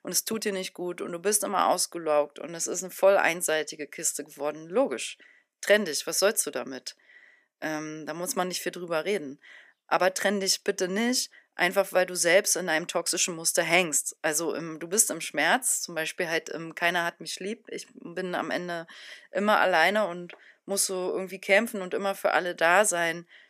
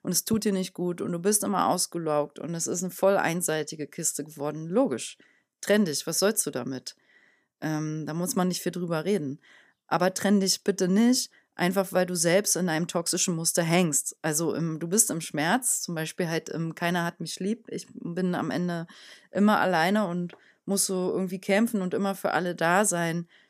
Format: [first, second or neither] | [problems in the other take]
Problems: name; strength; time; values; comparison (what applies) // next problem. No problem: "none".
second | thin; somewhat; fading below 350 Hz